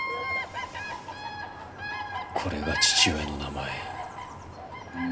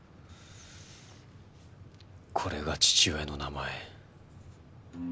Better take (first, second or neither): second